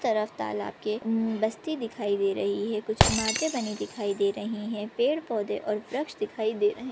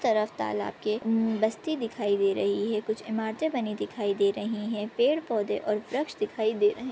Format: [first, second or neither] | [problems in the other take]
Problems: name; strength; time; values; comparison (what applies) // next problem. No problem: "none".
second | background sound (Shatter); 6 dB below the speech